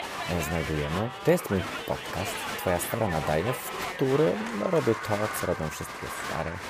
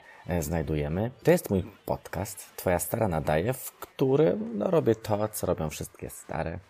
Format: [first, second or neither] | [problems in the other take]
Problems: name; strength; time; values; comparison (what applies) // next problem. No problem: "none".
second | crowd noise; loud; throughout; 5 dB below the speech; faint in the second